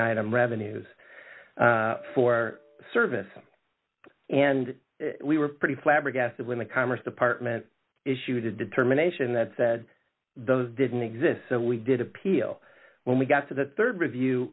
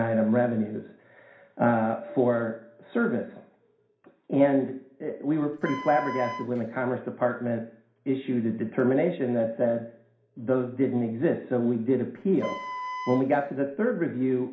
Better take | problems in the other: first | background sound (Wind instrument, woodwind instrument); 11 dB below the speech // room echo; dies away in 0.5 s

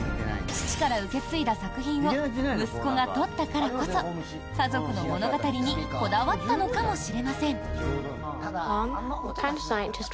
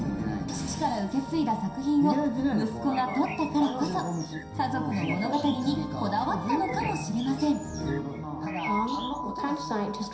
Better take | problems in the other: first | background sound (Bird); 16 dB below the speech // room echo; dies away in 0.7 s

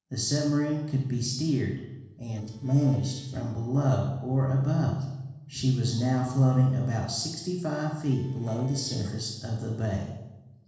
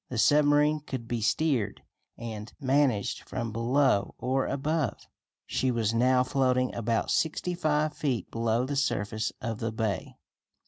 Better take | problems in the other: second | noise reduction (neural separator model SepFormer DNS4)

